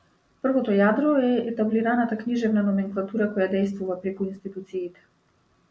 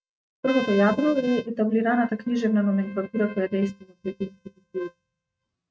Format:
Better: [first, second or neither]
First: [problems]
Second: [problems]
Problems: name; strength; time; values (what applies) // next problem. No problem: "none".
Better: first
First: none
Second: noise reduction (neural mask model RNNoise)